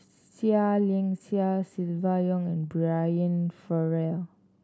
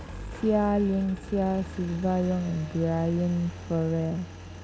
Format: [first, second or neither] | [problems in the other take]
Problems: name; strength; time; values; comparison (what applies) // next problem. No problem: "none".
first | background sound (Engine); 12 dB below the speech